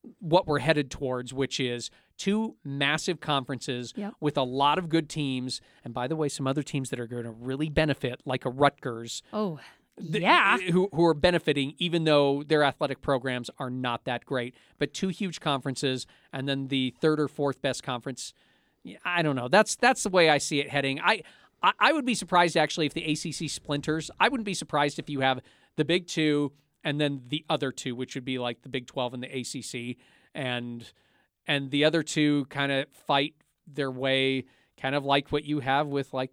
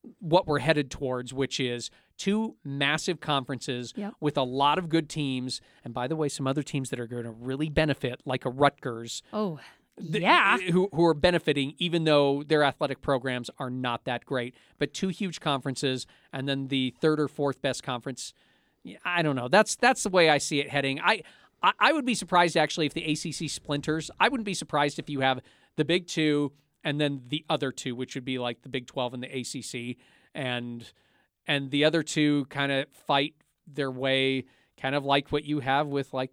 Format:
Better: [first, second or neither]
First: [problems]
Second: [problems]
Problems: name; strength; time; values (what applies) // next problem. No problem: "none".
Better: neither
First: none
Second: none